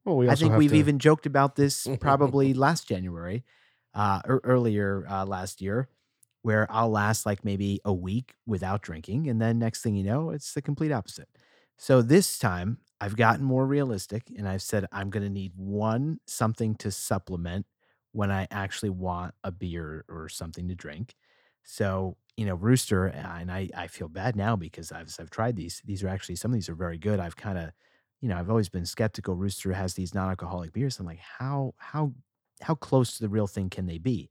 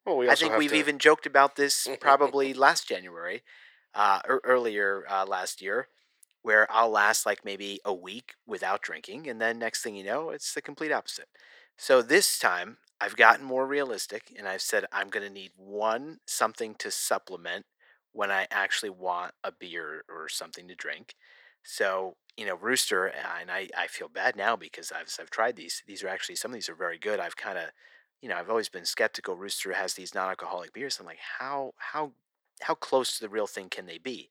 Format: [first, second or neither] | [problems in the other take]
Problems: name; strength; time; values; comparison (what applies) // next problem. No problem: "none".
first | thin; very; fading below 450 Hz